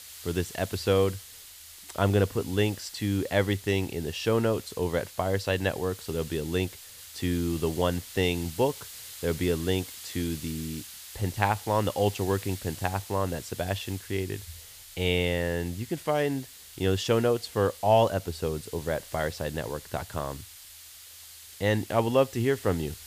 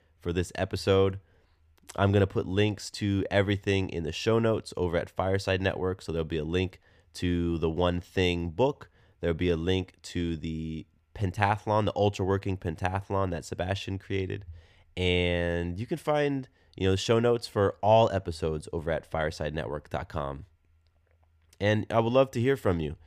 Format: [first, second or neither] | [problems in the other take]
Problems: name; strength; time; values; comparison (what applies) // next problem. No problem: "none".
second | hiss; noticeable; throughout; 15 dB below the speech